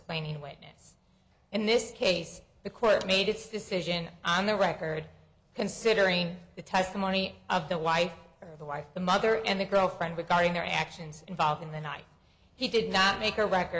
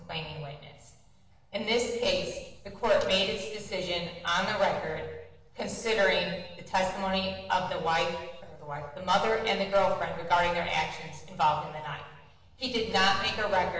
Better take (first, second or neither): first